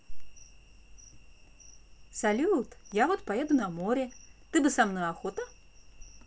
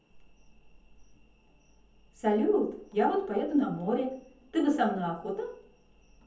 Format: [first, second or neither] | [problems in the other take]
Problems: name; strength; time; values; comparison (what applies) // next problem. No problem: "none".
first | room echo; dies away in 0.7 s